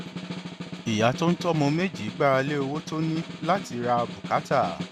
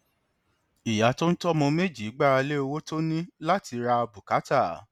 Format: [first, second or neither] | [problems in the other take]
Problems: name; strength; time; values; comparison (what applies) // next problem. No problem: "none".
second | background sound (Snare drum); 10 dB below the speech